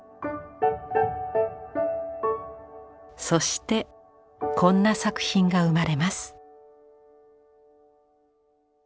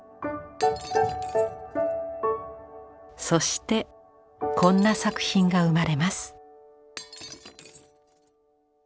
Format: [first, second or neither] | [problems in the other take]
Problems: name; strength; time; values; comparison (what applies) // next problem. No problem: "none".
first | background sound (Shatter); 20 dB below the speech